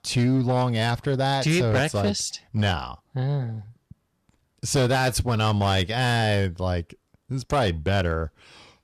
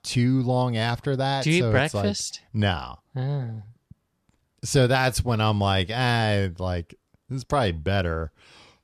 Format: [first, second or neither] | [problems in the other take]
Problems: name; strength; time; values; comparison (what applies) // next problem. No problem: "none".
second | distortion; slight; 7% of the sound clipped